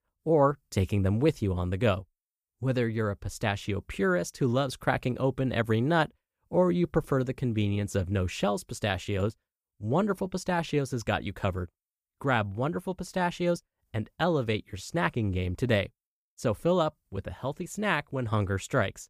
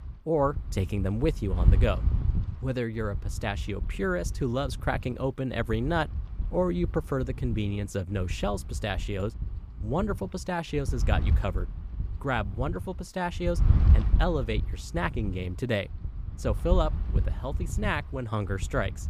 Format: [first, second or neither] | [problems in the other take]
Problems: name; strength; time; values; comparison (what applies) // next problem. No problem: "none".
first | wind noise on the microphone; occasional gusts; 15 dB below the speech